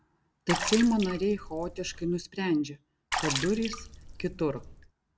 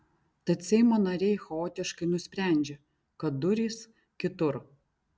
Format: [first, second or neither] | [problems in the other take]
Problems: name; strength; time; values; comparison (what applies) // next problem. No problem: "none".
second | background sound (Water / Splash, splatter); 6 dB below the speech